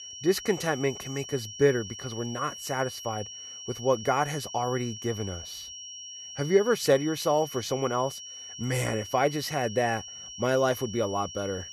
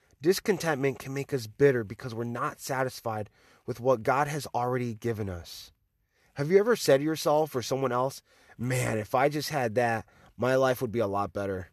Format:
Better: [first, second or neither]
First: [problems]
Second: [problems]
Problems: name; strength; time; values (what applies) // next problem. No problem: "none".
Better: second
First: high-pitched whine; noticeable; throughout; 3 kHz, 10 dB below the speech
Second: none